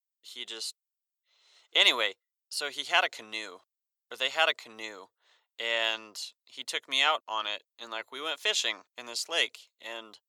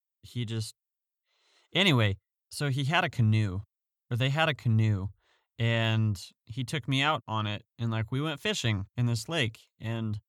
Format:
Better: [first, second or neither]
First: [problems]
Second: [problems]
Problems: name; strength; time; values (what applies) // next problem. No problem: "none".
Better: second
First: thin; very; fading below 450 Hz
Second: none